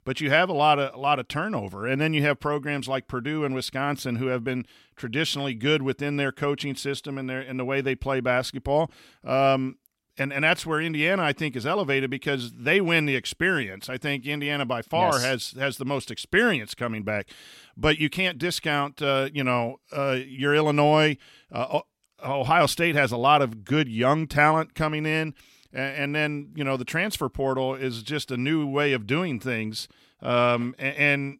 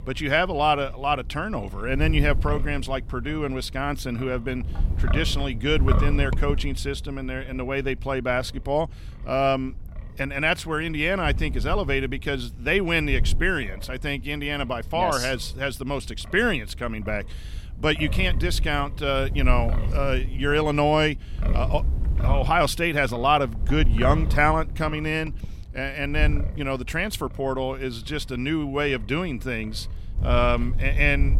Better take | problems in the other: first | wind noise on the microphone; occasional gusts; 15 dB below the speech

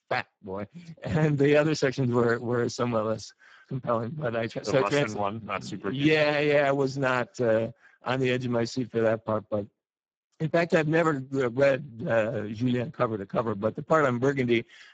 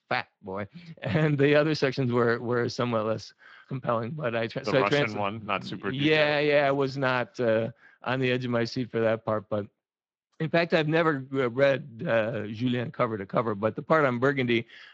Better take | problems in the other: second | garbled, watery; badly; nothing above 7.5 kHz; slightly in the second

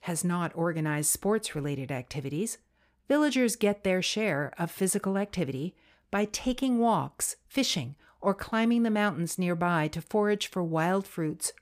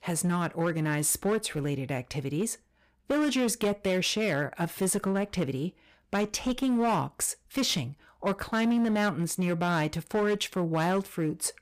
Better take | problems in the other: first | distortion; slight; 10% of the sound clipped

